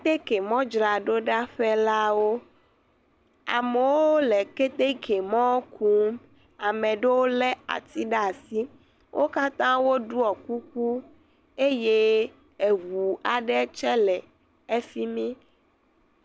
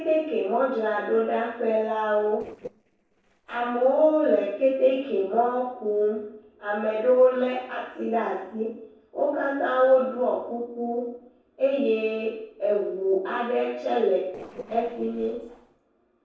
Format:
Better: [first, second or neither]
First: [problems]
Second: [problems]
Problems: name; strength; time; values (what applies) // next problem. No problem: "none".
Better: first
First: none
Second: noise reduction (neural separator model SepFormer DNS4)